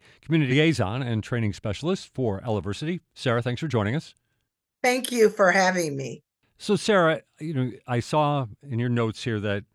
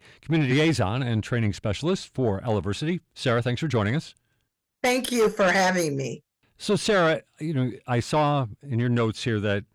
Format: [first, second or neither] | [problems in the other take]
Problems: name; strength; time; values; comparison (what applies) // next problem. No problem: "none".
first | distortion; slight; 10 dB below the speech